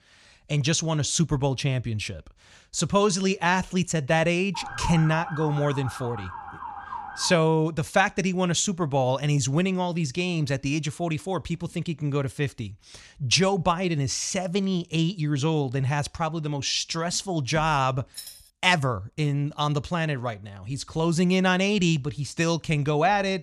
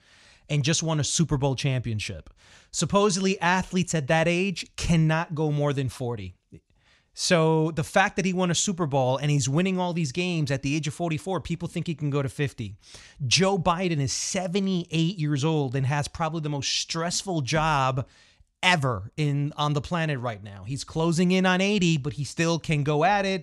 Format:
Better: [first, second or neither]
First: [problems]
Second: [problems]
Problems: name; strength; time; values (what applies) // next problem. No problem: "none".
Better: second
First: siren; noticeable; from 4.5 to 7.5 s; peak 7 dB below the speech // jangling keys; faint; at 18 s; peak 15 dB below the speech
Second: none